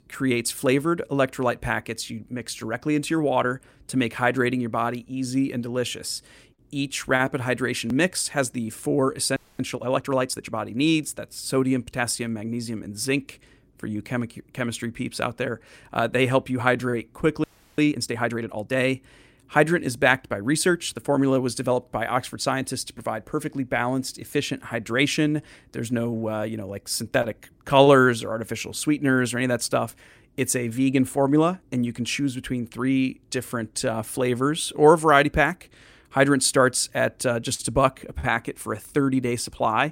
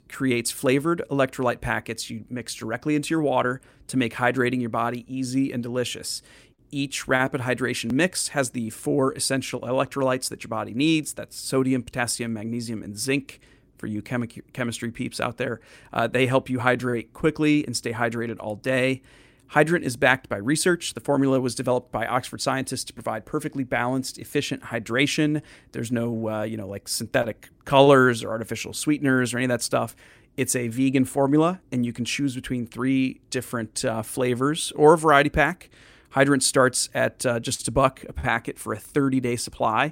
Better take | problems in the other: second | audio freezing; at 9.5 s and at 17 s

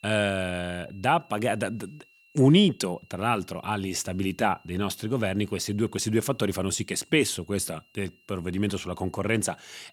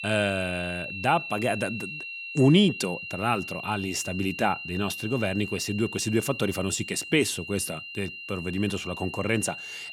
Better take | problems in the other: first | high-pitched whine; loud; throughout; 3 kHz, 8 dB below the speech; faint in the first

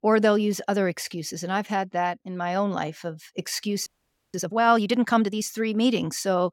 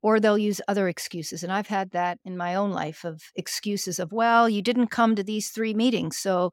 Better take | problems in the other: second | audio freezing; at 4 s

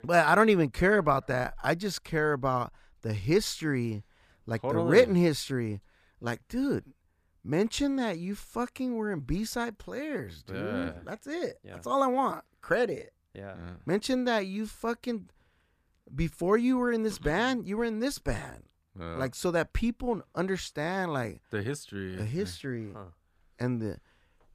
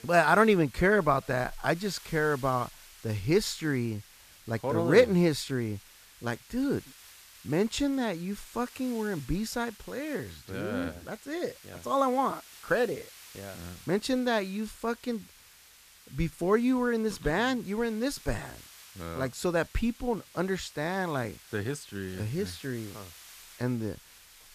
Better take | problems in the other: first | hiss; faint; throughout; 20 dB below the speech

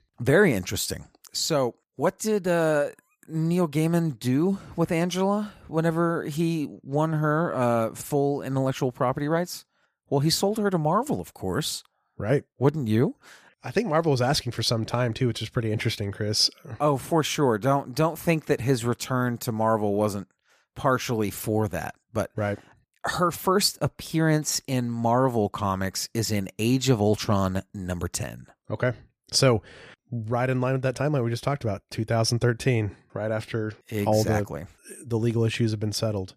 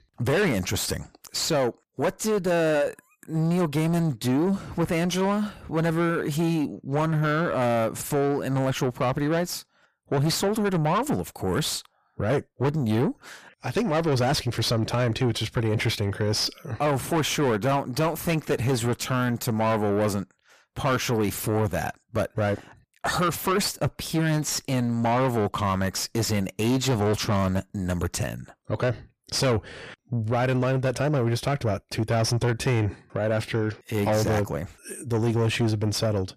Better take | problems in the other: first | distortion; heavy; 7 dB below the speech

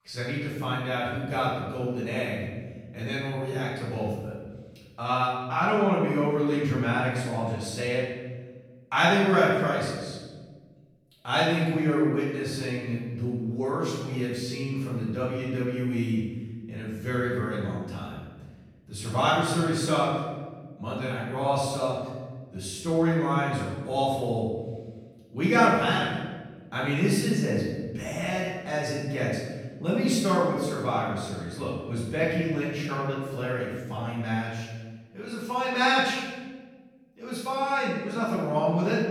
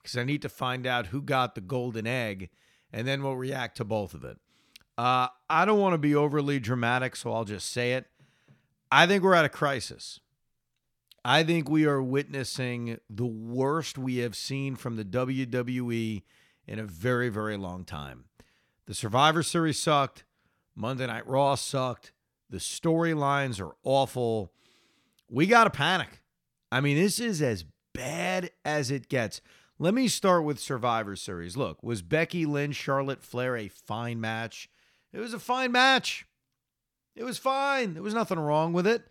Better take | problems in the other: second | off-mic speech; far // room echo; strong; dies away in 1.3 s

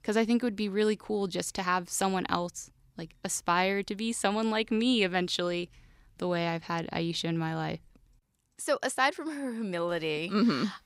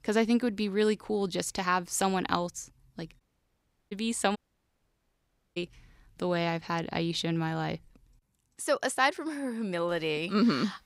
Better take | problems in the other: first | audio cutting out; at 3 s for 0.5 s and at 4.5 s for 1 s

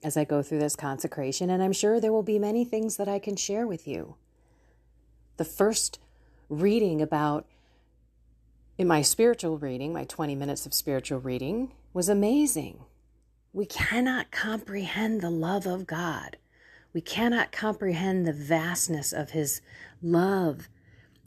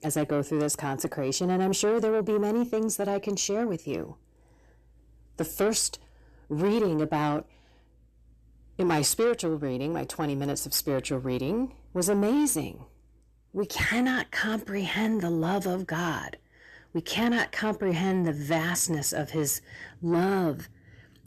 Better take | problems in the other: first | distortion; slight; 10 dB below the speech

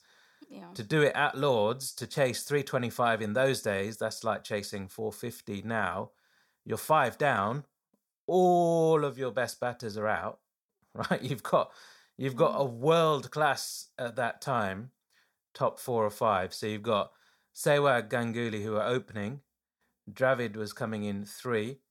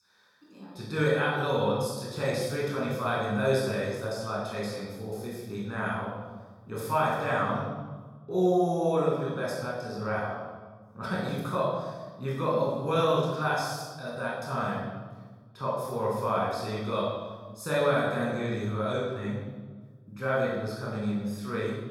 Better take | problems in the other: first | off-mic speech; far // room echo; strong; dies away in 1.4 s

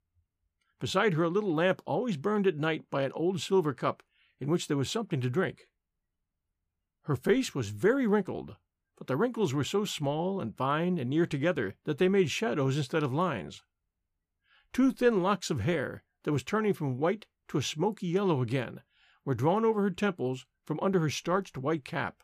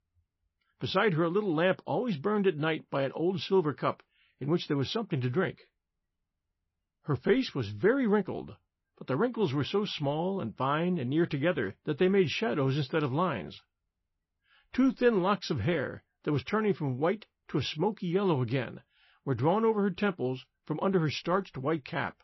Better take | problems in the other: first | garbled, watery; slightly; nothing above 5.5 kHz

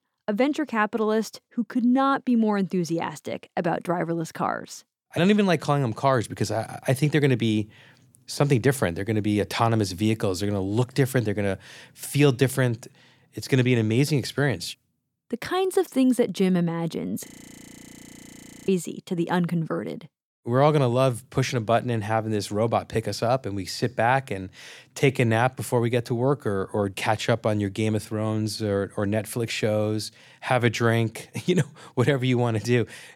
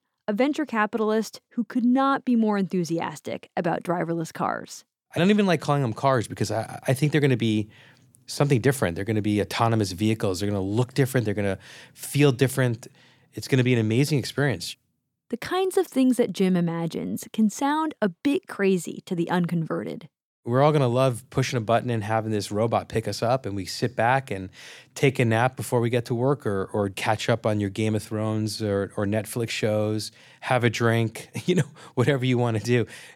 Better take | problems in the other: second | audio freezing; at 17 s for 1.5 s

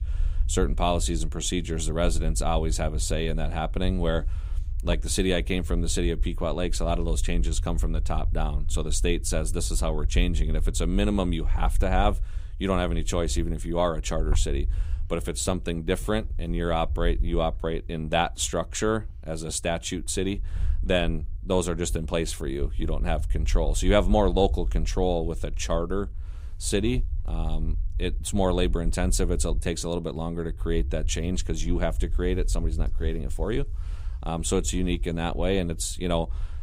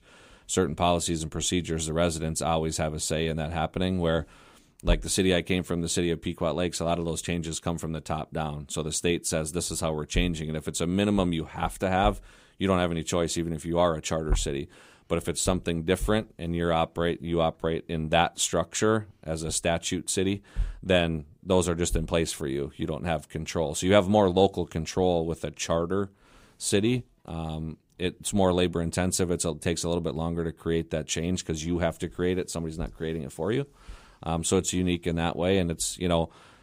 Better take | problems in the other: second | low rumble; faint; throughout; 25 dB below the speech

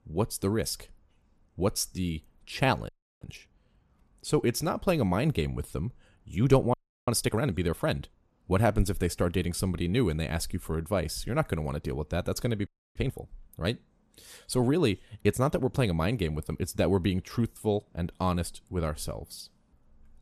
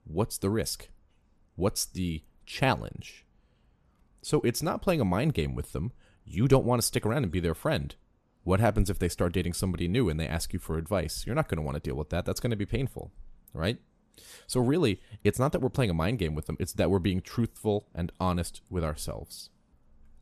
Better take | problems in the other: second | audio freezing; at 3 s, at 6.5 s and at 13 s

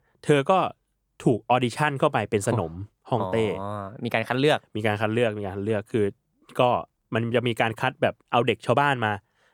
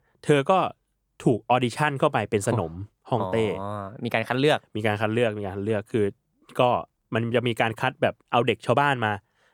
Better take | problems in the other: neither | none

